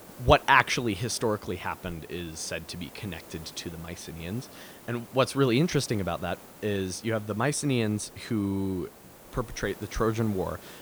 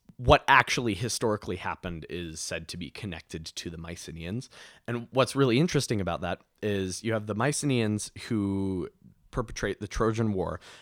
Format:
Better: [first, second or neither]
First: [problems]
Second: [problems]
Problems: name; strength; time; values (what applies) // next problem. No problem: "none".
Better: second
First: hiss; noticeable; throughout; 20 dB below the speech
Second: none